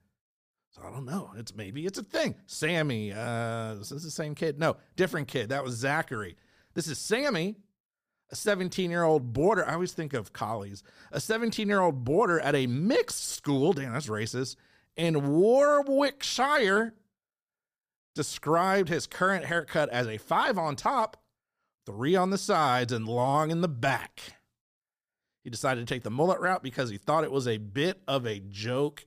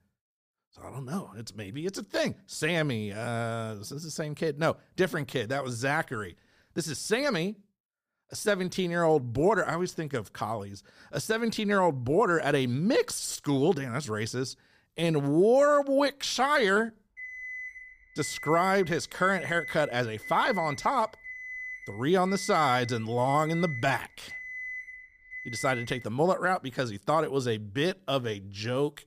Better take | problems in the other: first | alarm; noticeable; from 17 to 26 s; peak 8 dB below the speech

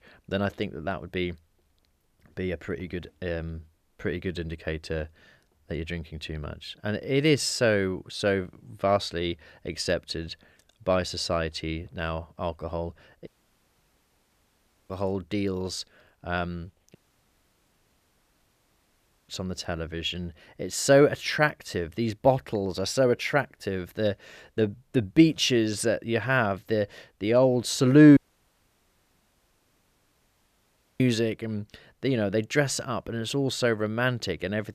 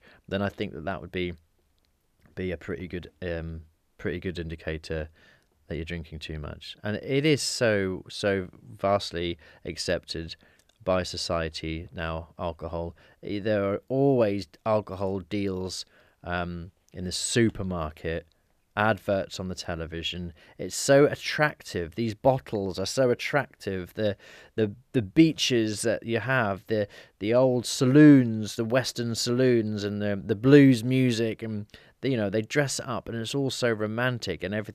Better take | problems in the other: second | audio cutting out; at 13 s for 1.5 s, at 17 s for 2.5 s and at 28 s for 3 s

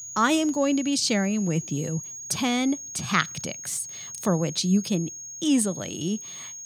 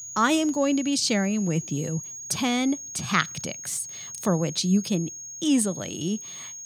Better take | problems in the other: neither | high-pitched whine; loud; throughout; 6.5 kHz, 10 dB below the speech; the same in both

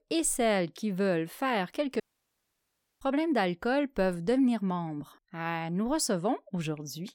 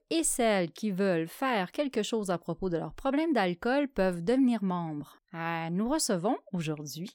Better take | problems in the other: second | audio cutting out; at 2 s for 1 s

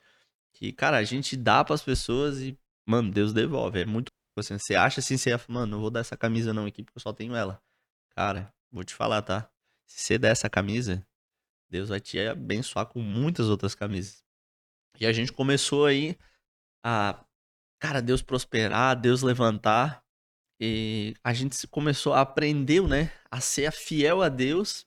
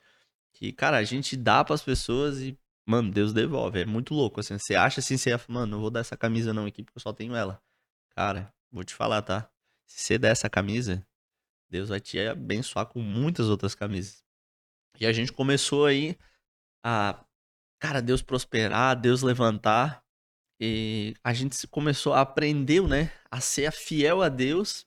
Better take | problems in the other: second | audio cutting out; at 4 s

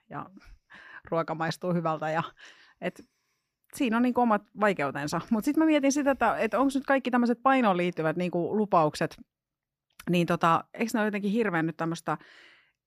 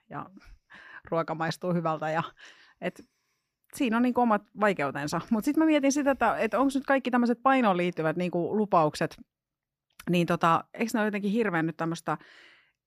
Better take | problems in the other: neither | none

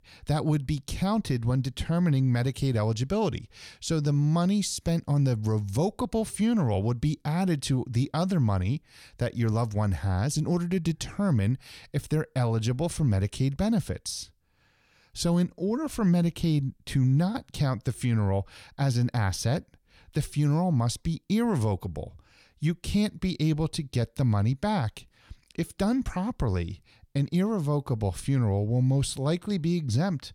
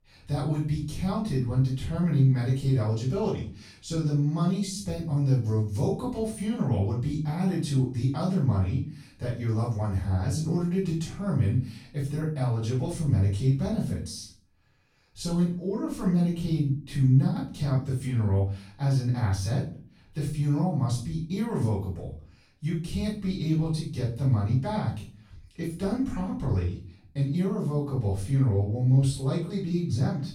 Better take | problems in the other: first | off-mic speech; far // room echo; noticeable; dies away in 0.4 s

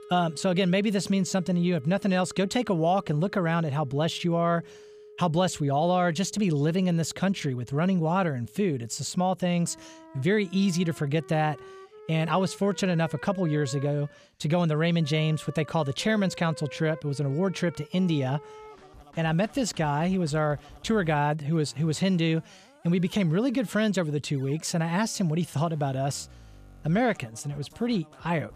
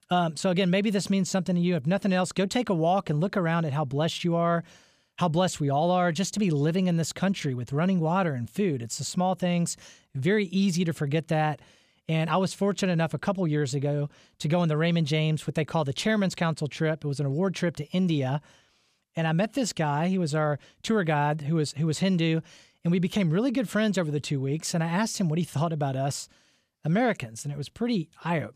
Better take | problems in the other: second | background music; faint; throughout; 20 dB below the speech

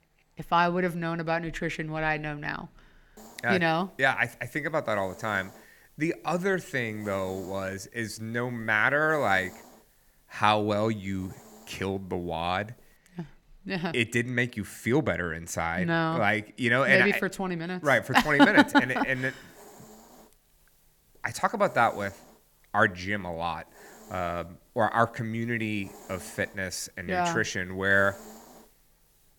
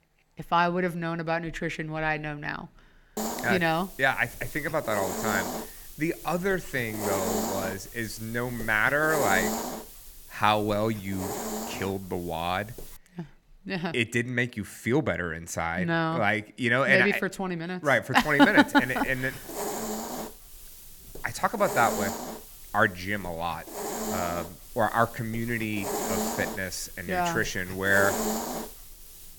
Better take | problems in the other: first | hiss; loud; from 3 to 13 s and from 18 s on; 7 dB below the speech; faint in the first

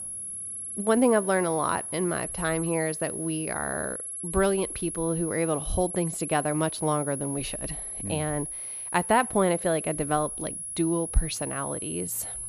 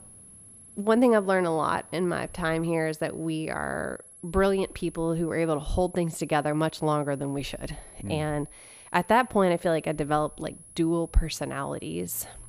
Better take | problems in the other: second | high-pitched whine; loud; throughout; 10.5 kHz, 5 dB below the speech; faint in the second

